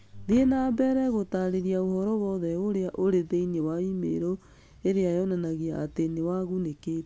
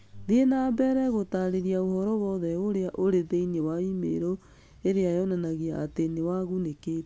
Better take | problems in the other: second | background sound (Boom); 19 dB below the speech

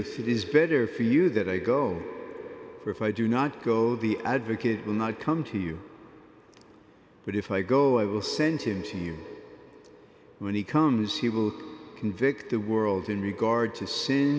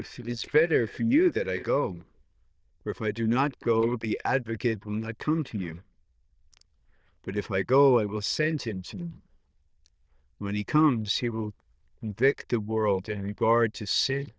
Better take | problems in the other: first | noise reduction (neural diffusion model UNIVERSE++)

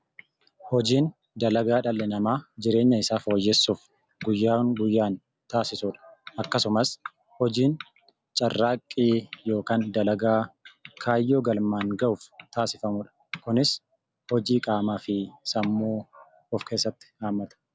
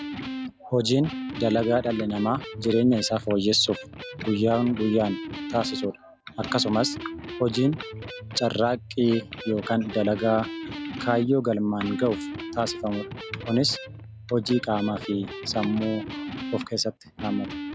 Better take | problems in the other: first | background sound (Electric guitar); 10 dB below the speech

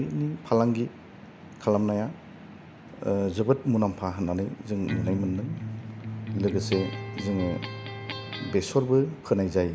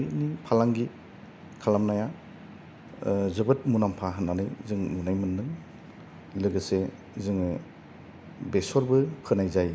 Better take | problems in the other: second | background sound (Electric guitar); 7 dB below the speech

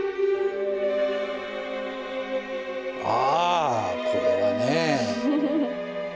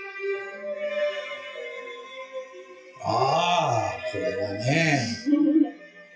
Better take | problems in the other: first | noise reduction (classical method WPE with log-MMSE)

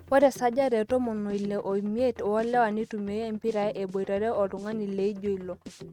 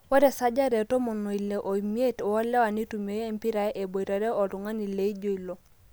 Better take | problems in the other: second | noise reduction (neural mask model RNNoise)

